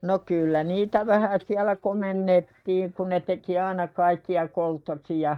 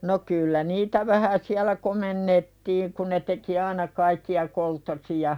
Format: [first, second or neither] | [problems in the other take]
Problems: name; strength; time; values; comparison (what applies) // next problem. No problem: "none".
second | noise reduction (neural mask model DeepFilterNet 3)